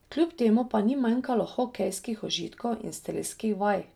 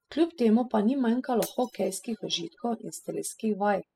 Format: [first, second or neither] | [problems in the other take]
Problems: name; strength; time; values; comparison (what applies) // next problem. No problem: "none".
first | noise reduction (classical method spectral subtraction)